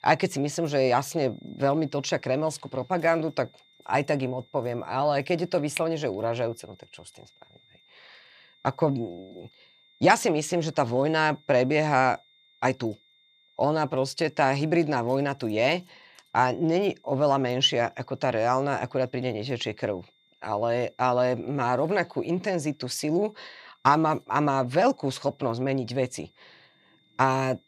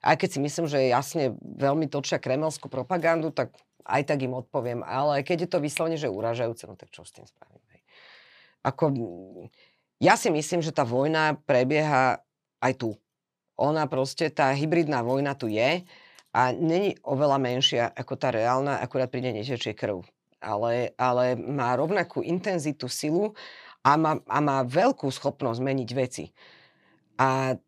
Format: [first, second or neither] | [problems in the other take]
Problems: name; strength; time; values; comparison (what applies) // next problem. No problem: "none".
second | high-pitched whine; faint; throughout; 3.5 kHz, 35 dB below the speech